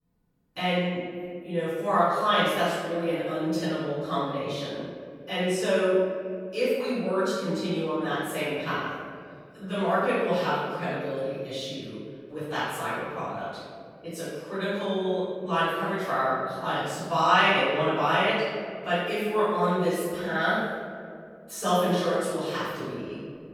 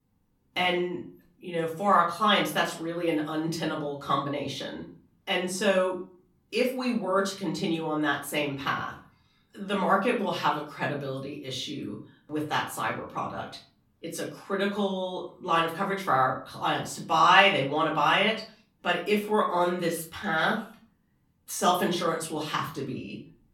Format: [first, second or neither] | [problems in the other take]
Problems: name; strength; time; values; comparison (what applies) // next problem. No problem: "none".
second | room echo; strong; dies away in 2.1 s; slight in the second // off-mic speech; far; far in the second